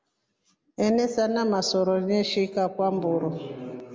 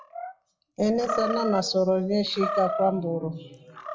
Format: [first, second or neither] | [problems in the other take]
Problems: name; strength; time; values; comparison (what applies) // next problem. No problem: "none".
first | noise reduction (classical method WPE with log-MMSE)